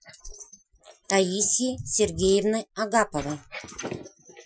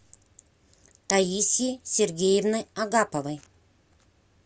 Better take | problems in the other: second | noise reduction (classical method Wiener filter)

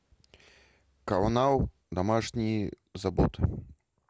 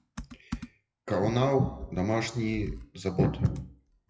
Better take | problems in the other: first | noise reduction (classical method WPE with log-MMSE)

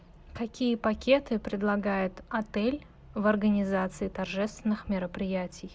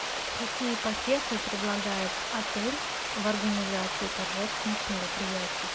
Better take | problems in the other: first | background sound (Water); 1 dB above the speech

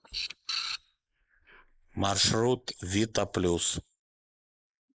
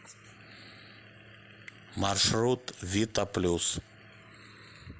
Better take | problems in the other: second | noise reduction (neural mask model Resemble Enhance denoiser)

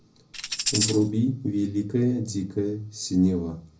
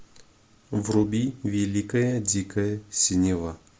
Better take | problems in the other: second | background sound (Tambourine); 2 dB below the speech // room echo; dies away in 0.4 s

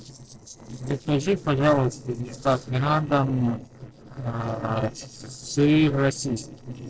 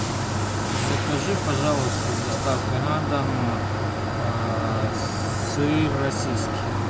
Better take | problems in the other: second | noise reduction (neural separator model SepFormer DNS4)

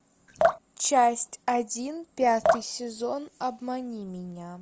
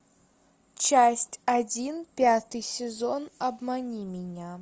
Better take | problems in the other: second | background sound (Drip); 3 dB below the speech

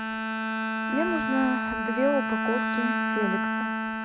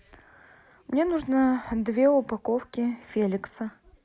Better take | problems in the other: second | background sound (Bowed string instrument); 2 dB above the speech

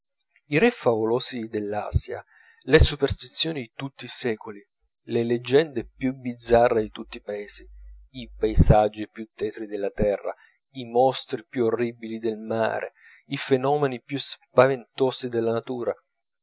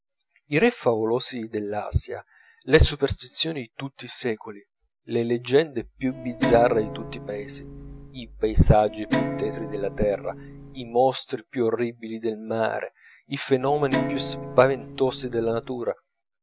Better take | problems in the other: first | background sound (Guitar); 7 dB below the speech

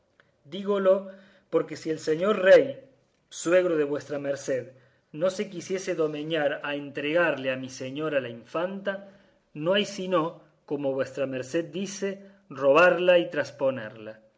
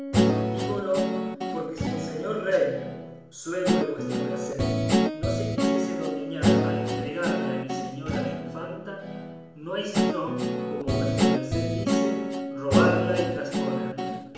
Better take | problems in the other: first | background sound (Guitar); 5 dB above the speech // room echo; dies away in 1 s

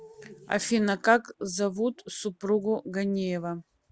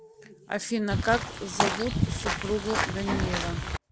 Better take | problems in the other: first | background sound (Walk, footsteps / Bird vocalization, bird call, bird song); 2 dB above the speech

